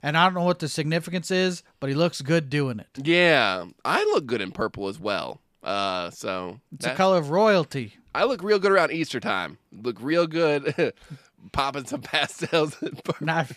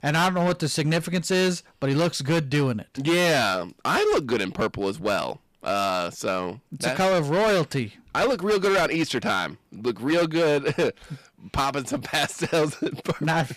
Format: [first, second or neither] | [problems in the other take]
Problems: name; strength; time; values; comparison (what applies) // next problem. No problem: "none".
first | distortion; heavy; 14% of the sound clipped